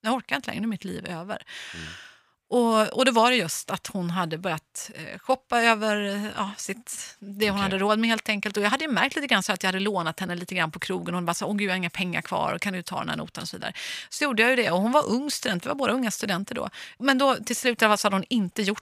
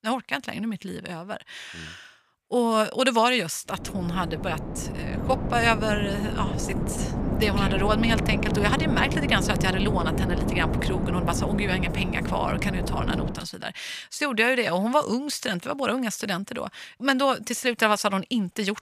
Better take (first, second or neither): first